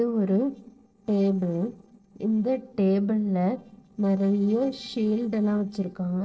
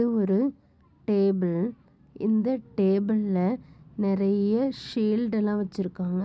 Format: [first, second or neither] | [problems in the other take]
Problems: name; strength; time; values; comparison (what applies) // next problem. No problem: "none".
second | noise reduction (neural separator model SepFormer DNS4)